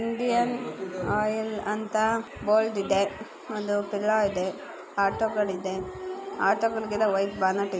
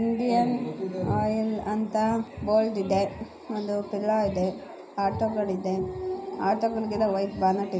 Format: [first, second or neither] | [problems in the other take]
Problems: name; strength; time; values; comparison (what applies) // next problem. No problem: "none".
first | room echo; dies away in 0.4 s